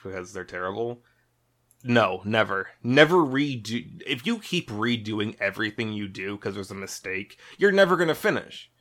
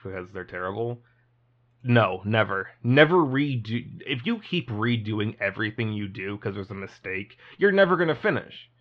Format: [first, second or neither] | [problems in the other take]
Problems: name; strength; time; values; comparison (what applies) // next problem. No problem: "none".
first | muffled; slightly; fading above 3.5 kHz